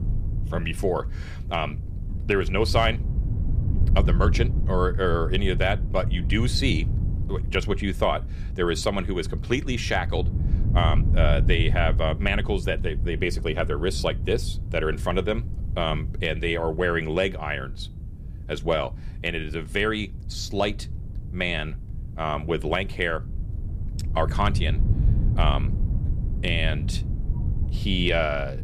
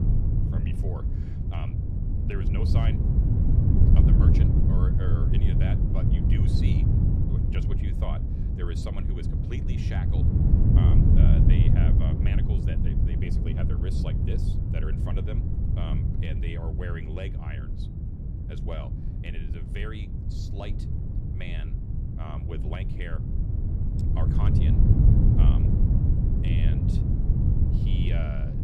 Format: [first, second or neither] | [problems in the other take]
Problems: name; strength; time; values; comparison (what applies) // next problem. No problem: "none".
first | wind noise on the microphone; heavy; 4 dB above the speech; occasional gusts in the first